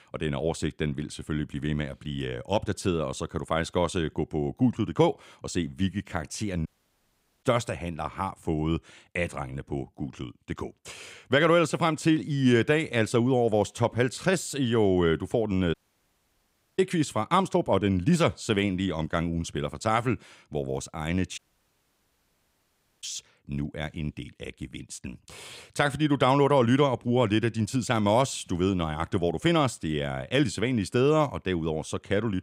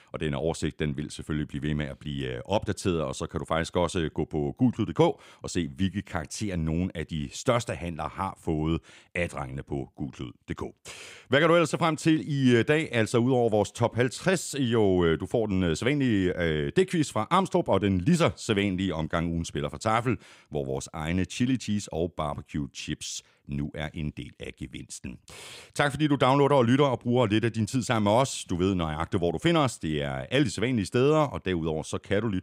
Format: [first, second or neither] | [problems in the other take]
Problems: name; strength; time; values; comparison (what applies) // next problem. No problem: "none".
second | audio cutting out; at 6.5 s for 1 s, at 16 s for 1 s and at 21 s for 1.5 s